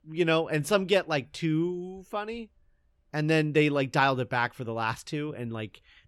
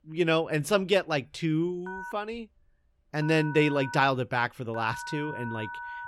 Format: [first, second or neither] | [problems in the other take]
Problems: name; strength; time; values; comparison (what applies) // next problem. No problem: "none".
first | phone ringing; faint; from 2 s on; peak 10 dB below the speech